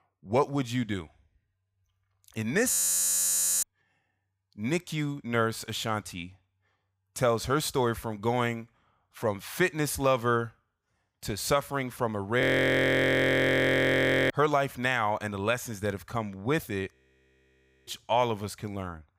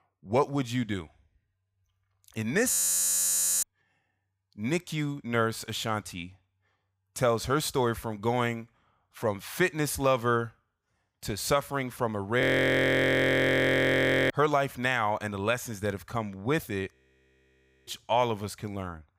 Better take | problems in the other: neither | audio freezing; at 2.5 s for 1 s, at 12 s for 2 s and at 17 s for 1 s; the same in both

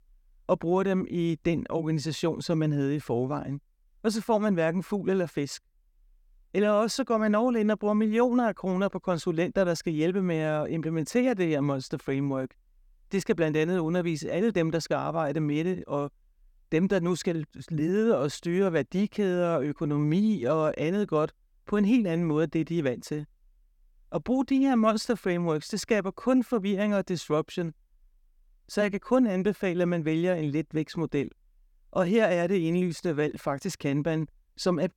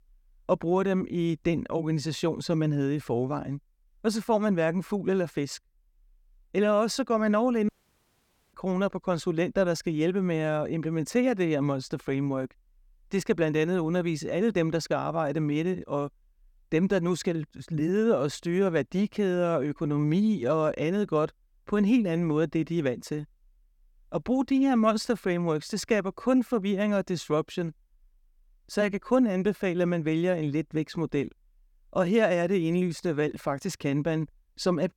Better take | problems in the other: first | audio cutting out; at 7.5 s for 1 s

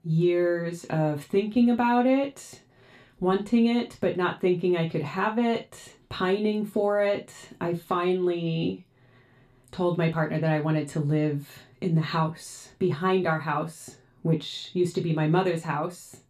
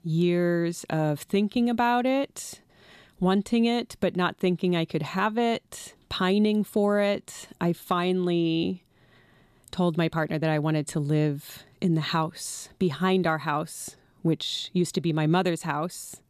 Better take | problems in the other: second | room echo; very slight; dies away in 0.2 s // off-mic speech; somewhat distant

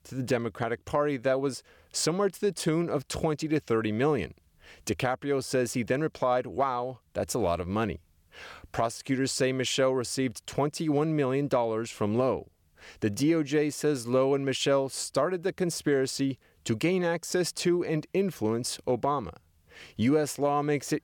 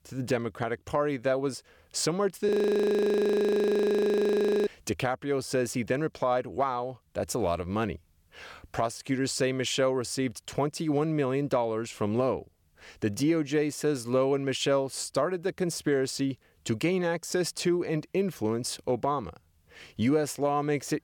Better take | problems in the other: first | audio freezing; at 2.5 s for 2 s

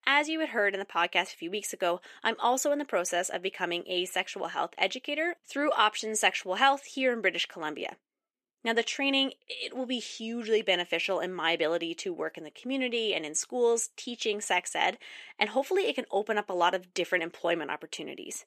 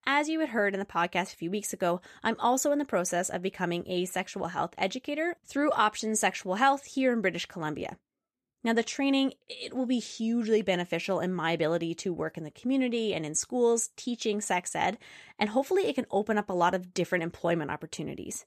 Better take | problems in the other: second | thin; very slightly; fading below 400 Hz

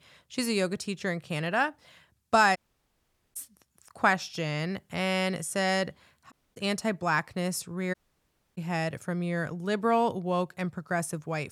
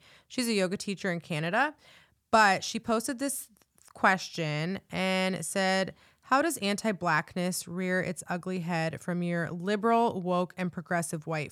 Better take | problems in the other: second | audio cutting out; at 2.5 s for 1 s, at 6.5 s and at 8 s for 0.5 s

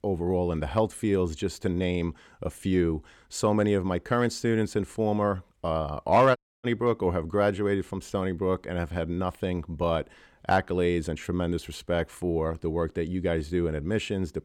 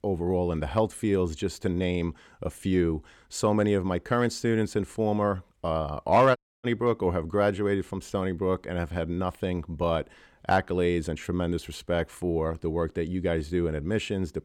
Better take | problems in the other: neither | audio cutting out; at 6.5 s; the same in both

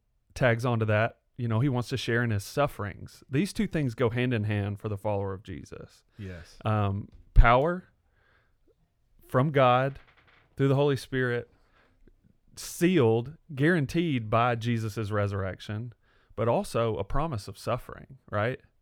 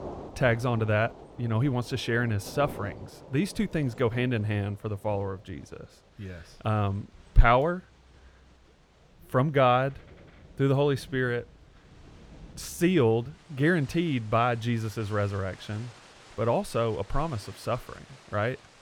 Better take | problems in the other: first | rain or running water; faint; throughout; 20 dB below the speech

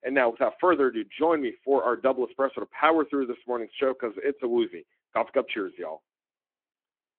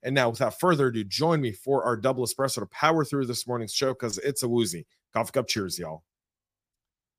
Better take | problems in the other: second | phone-call audio

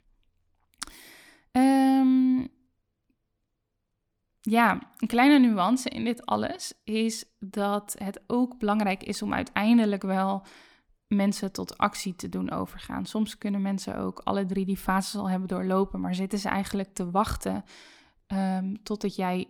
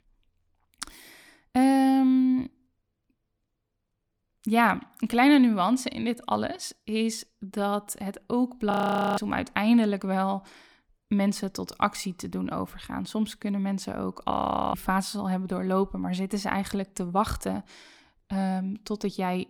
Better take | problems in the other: first | audio freezing; at 8.5 s and at 14 s

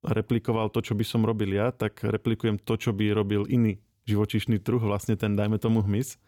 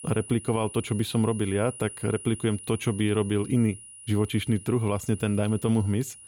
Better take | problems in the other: first | high-pitched whine; noticeable; throughout; 10 kHz, 15 dB below the speech

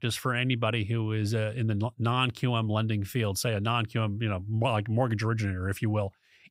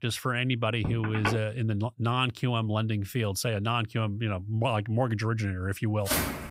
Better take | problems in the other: first | phone ringing; noticeable; at 1 s; peak 3 dB below the speech // footsteps; loud; at 6 s; peak 1 dB above the speech

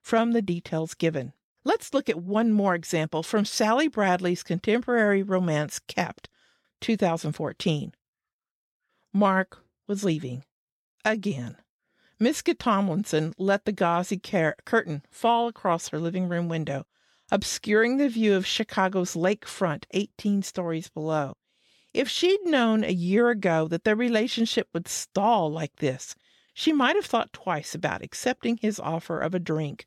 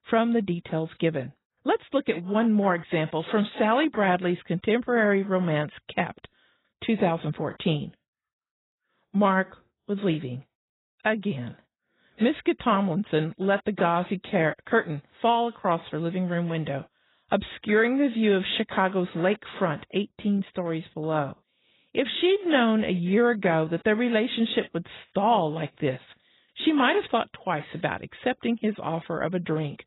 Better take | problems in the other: first | garbled, watery; badly; nothing above 4 kHz

